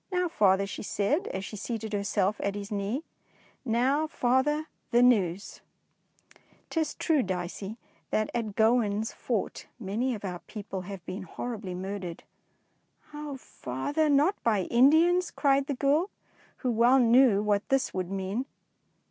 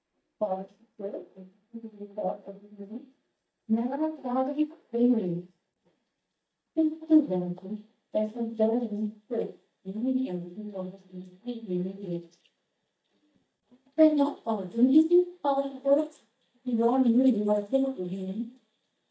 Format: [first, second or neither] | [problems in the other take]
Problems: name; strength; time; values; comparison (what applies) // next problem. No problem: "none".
first | noise reduction (neural mask model DeepFilterNet 3)